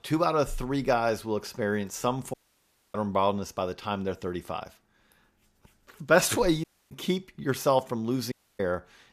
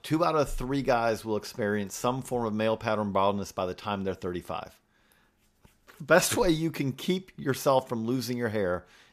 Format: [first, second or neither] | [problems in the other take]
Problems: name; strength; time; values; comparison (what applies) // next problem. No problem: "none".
second | audio cutting out; at 2.5 s for 0.5 s, at 6.5 s and at 8.5 s